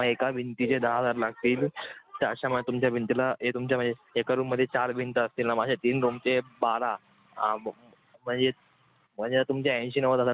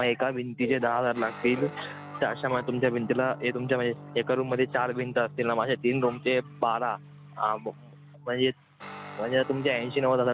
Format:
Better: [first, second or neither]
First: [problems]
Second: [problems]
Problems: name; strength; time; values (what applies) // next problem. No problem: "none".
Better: first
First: none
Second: background sound (Guitar); 16 dB below the speech